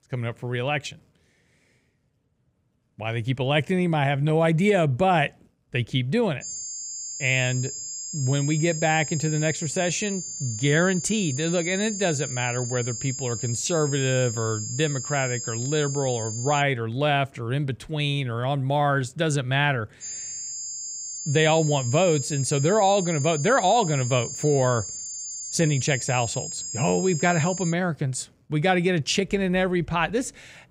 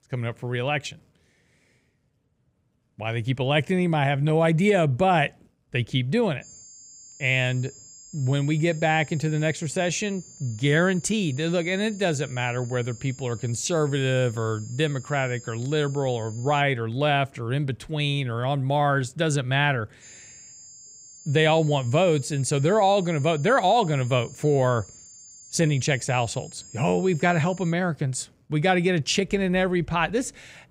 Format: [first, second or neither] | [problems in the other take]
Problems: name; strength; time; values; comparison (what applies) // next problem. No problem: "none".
second | high-pitched whine; loud; from 6.5 to 17 s and from 20 to 28 s; 7 kHz, 7 dB below the speech; faint in the second